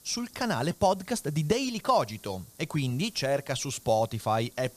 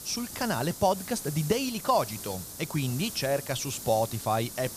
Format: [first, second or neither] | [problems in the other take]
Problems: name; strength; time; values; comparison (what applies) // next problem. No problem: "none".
first | hiss; loud; throughout; 9 dB below the speech; faint in the first